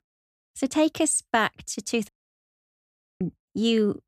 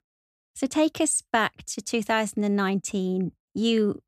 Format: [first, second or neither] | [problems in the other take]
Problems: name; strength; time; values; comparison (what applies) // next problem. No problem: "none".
second | audio cutting out; at 2 s for 1 s